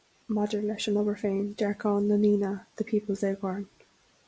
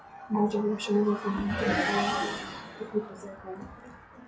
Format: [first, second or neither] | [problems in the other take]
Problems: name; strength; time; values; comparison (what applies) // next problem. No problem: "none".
first | noise reduction (classical method WPE with log-MMSE)